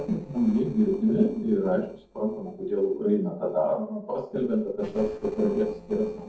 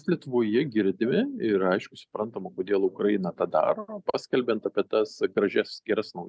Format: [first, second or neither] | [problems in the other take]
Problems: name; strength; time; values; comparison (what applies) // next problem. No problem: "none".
second | noise reduction (neural separator model SepFormer DNS4)